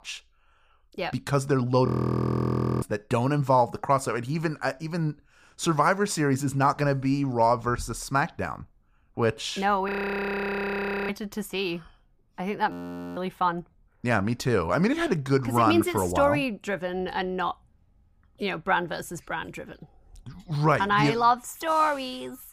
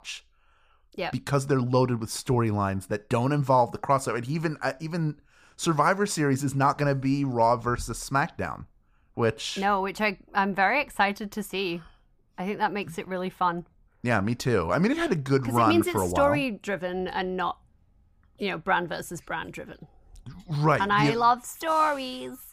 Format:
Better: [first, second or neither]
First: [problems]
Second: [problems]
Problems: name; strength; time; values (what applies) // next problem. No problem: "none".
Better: second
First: audio freezing; at 2 s for 1 s, at 10 s for 1 s and at 13 s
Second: none